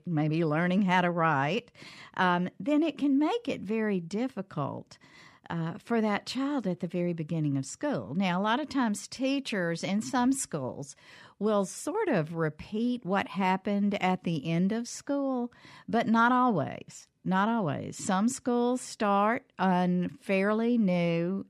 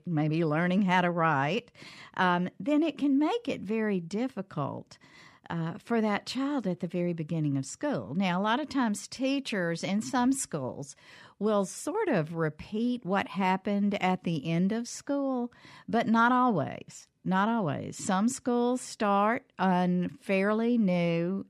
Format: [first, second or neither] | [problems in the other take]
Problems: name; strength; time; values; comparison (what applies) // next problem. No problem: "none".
neither | none